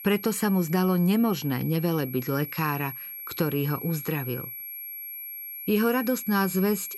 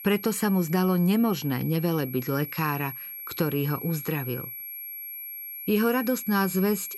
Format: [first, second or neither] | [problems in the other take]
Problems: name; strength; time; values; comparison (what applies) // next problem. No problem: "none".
neither | high-pitched whine; loud; throughout; 11.5 kHz, 10 dB below the speech; the same in both